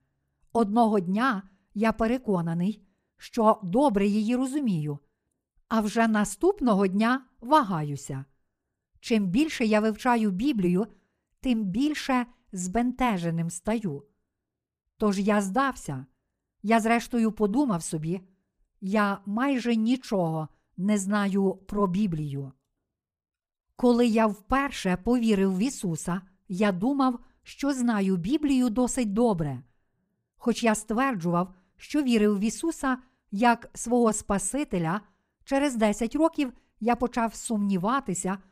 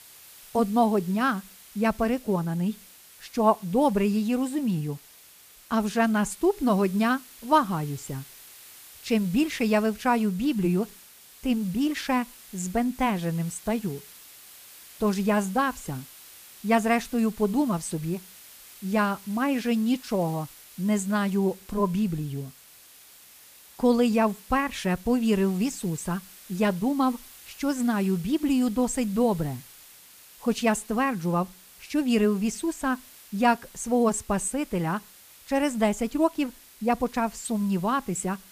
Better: first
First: none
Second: hiss; faint; throughout; 20 dB below the speech

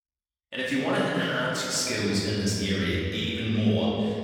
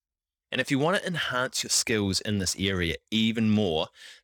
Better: second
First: off-mic speech; far // room echo; strong; dies away in 2.3 s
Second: none

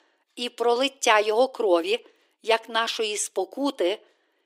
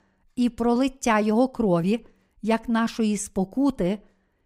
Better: second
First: thin; very; fading below 300 Hz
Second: none

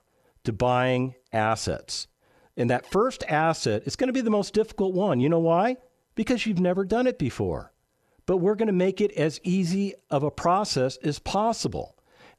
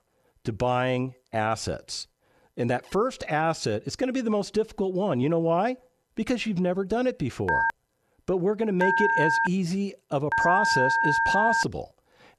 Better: first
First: none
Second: phone ringing; loud; from 7.5 to 12 s; peak 5 dB above the speech

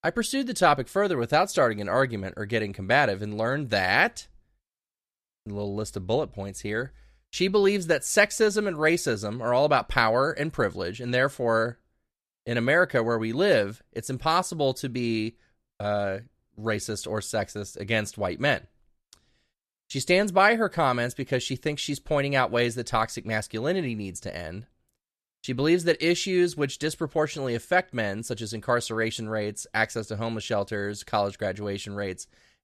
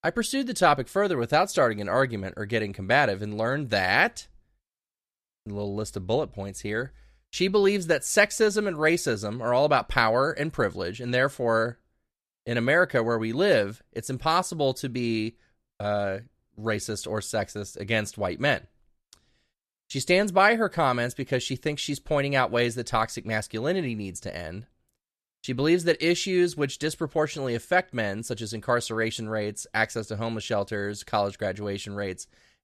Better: neither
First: none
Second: none

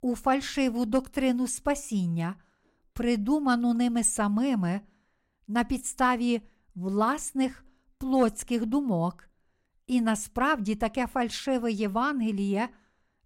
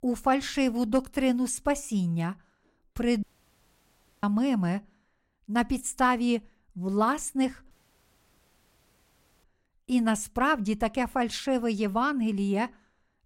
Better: first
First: none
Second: audio cutting out; at 3 s for 1 s and at 7.5 s for 1.5 s

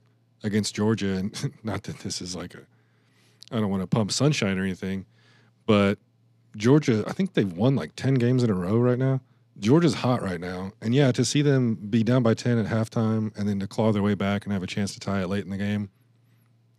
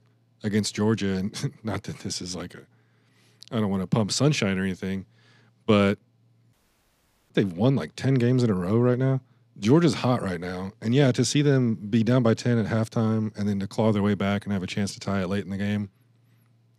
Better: first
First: none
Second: audio cutting out; at 6.5 s for 1 s

